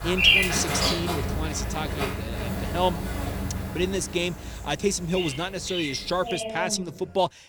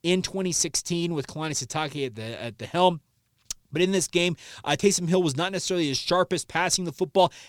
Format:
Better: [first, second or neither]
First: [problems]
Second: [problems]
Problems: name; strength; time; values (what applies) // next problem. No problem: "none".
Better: second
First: animal sounds; very loud; throughout; 2 dB above the speech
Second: none